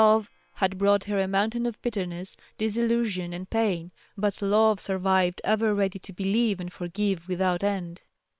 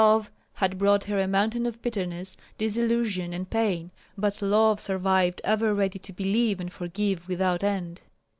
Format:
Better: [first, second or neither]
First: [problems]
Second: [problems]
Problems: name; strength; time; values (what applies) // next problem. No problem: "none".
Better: second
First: noise reduction (neural separator model SepFormer WHAM!)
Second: none